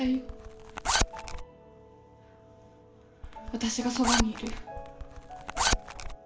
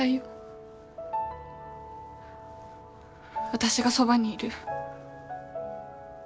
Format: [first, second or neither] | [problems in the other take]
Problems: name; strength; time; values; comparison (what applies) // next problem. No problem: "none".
second | background sound (Zipper (clothing)); 3 dB above the speech // room echo; dies away in 0.5 s